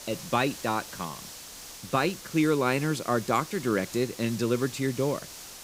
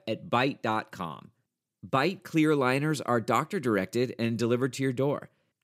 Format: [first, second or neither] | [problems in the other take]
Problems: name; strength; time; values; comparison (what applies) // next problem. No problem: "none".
second | hiss; noticeable; throughout; 15 dB below the speech